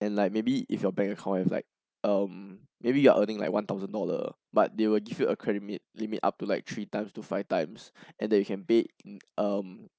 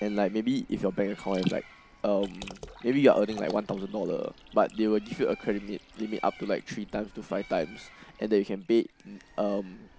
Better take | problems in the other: first | background sound (Bird + Liquid); 20 dB below the speech

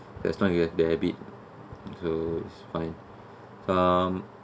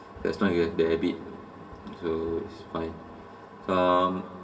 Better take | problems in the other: first | room echo; dies away in 2 s

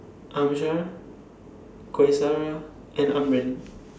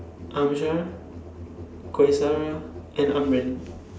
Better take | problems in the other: first | background sound (Musical instrument); 15 dB below the speech

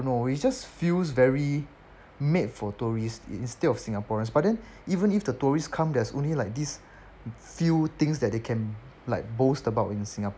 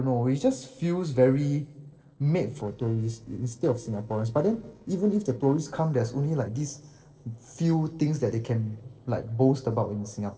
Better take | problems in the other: first | noise reduction (neural separator model SepFormer DNS4)

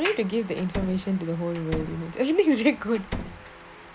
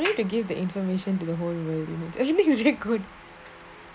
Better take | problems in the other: second | background sound (Slam); 10 dB below the speech

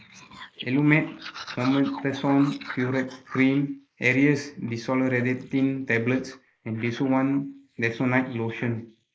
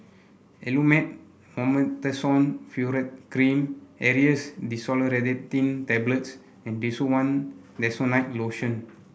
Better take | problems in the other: second | noise reduction (neural mask model Resemble Enhance denoiser)

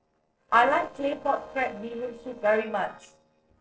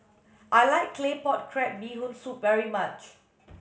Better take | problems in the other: second | noise reduction (neural separator model SepFormer DNS4)

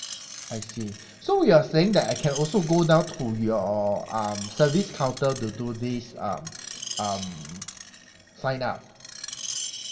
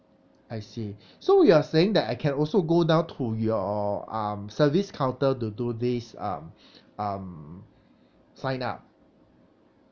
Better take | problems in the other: second | background sound (Screech); 14 dB below the speech // room echo; dies away in 1.6 s

